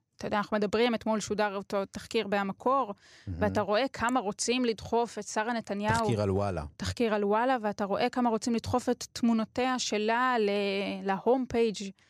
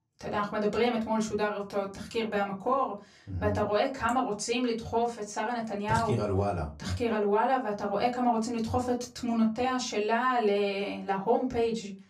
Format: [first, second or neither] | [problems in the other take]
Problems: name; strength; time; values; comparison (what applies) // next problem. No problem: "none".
first | off-mic speech; far // room echo; very slight; dies away in 0.3 s